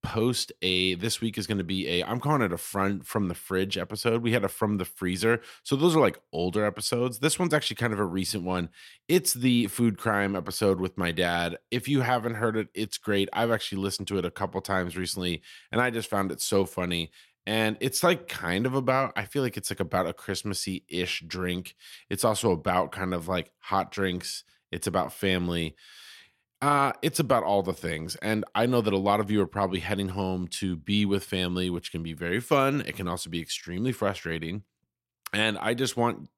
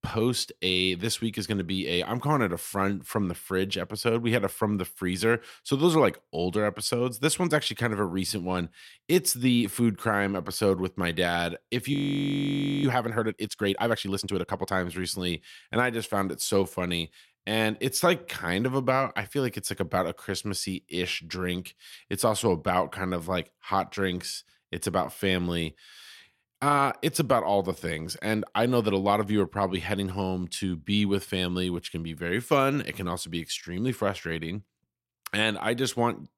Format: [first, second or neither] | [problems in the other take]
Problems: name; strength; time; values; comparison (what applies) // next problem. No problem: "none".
first | audio freezing; at 12 s for 1 s